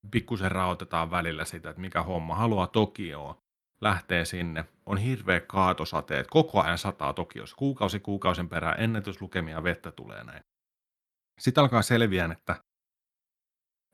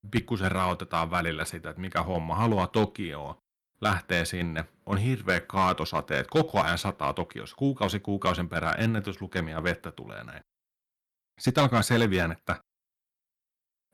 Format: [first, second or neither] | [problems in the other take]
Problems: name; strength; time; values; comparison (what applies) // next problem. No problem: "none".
first | distortion; slight; 1.8% of the sound clipped